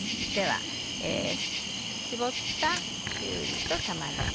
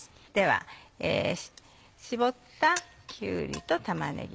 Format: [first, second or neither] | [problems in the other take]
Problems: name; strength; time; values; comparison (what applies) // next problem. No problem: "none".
second | background sound (Cricket); 2 dB above the speech